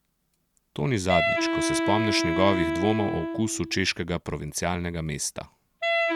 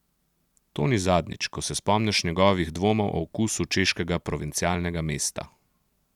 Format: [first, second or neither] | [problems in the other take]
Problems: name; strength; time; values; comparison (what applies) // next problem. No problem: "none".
second | background sound (Wind instrument, woodwind instrument); 1 dB below the speech